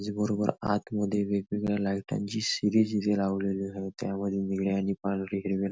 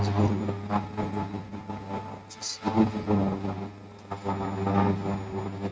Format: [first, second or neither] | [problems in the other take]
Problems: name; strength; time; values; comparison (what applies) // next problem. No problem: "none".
first | noise reduction (neural mask model RNNoise)